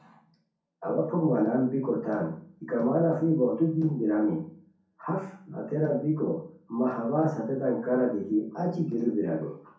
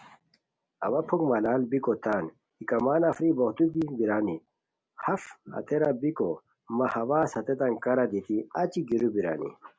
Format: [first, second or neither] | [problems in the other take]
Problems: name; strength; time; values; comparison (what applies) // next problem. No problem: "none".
second | room echo; dies away in 0.6 s